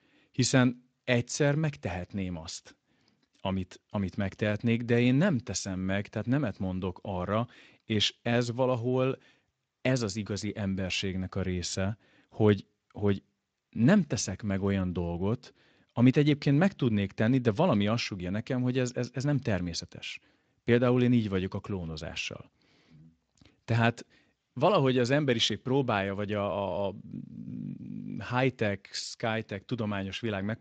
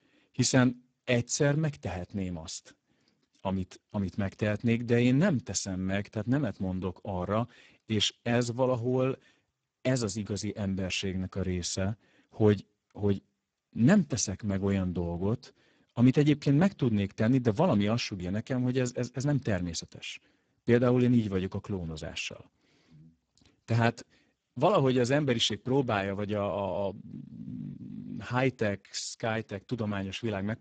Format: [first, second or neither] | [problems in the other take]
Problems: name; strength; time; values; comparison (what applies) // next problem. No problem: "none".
first | garbled, watery; badly; nothing above 7.5 kHz; slightly in the first